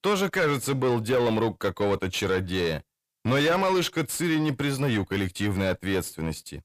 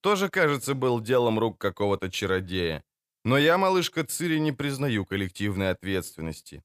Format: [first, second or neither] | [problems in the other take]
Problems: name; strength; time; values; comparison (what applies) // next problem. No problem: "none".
second | distortion; slight; 10 dB below the speech